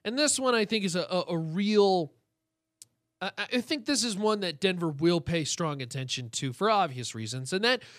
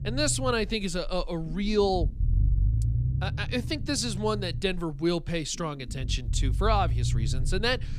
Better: first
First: none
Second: low rumble; noticeable; throughout; 15 dB below the speech

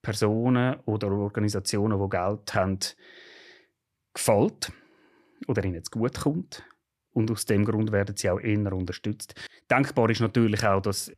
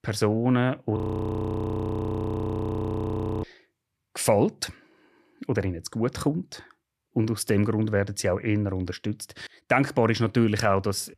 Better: first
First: none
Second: audio freezing; at 1 s for 2.5 s

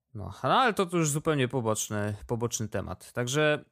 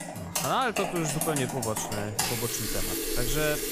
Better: first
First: none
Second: household noises; very loud; throughout; 1 dB above the speech

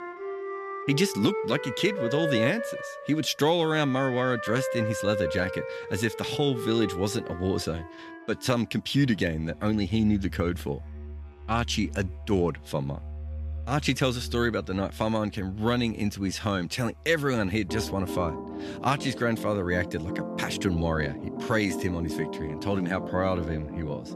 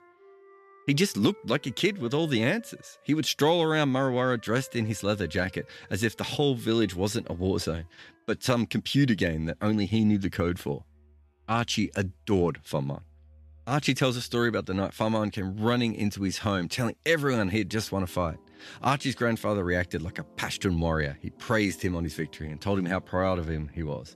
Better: second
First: background music; loud; throughout; 8 dB below the speech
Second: background music; faint; throughout; 25 dB below the speech

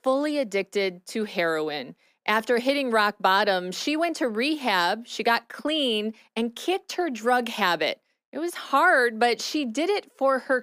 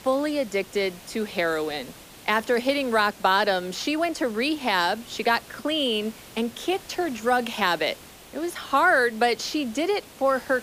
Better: first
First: none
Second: hiss; noticeable; throughout; 20 dB below the speech

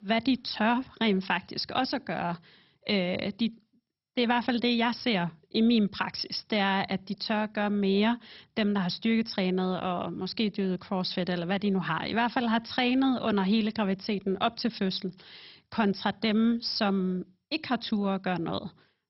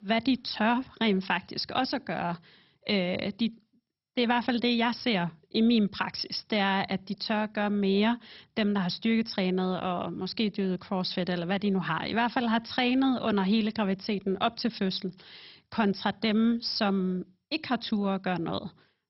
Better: neither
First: garbled, watery; badly; nothing above 5.5 kHz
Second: garbled, watery; badly; nothing above 5.5 kHz

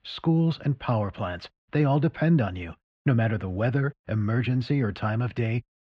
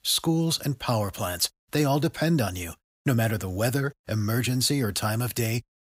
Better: second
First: muffled; very; fading above 3 kHz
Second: none

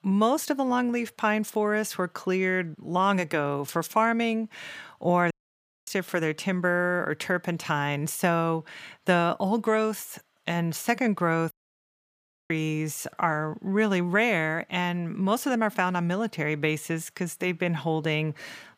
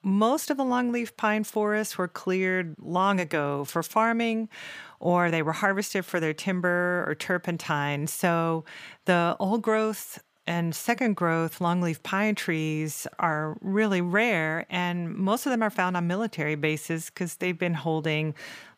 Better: second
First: audio cutting out; at 5.5 s for 0.5 s and at 12 s for 1 s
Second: none

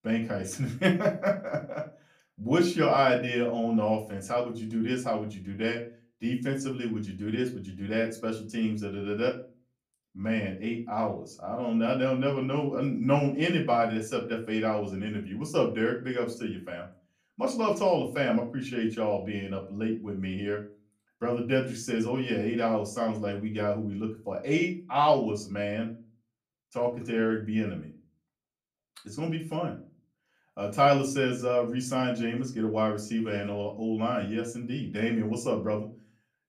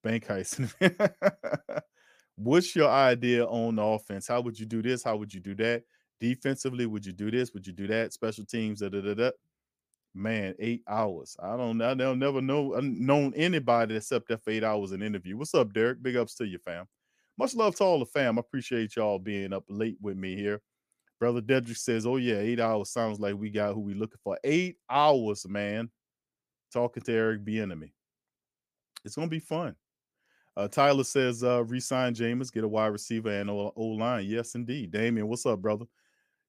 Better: second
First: off-mic speech; far // room echo; very slight; dies away in 0.3 s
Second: none

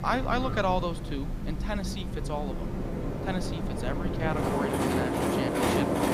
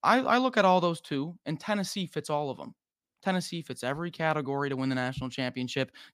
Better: second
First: train or aircraft noise; very loud; throughout; 3 dB above the speech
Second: none

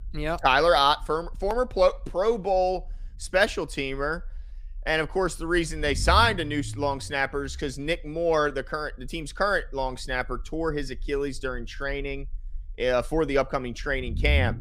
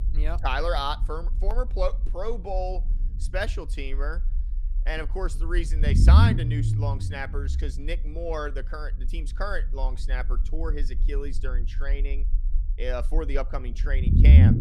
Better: first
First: low rumble; faint; throughout; 25 dB below the speech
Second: low rumble; loud; throughout; 3 dB below the speech

